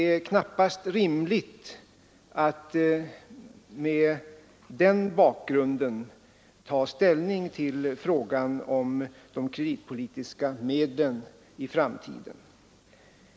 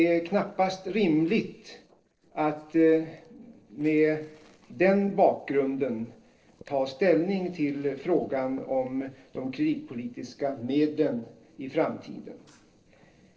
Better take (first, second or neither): first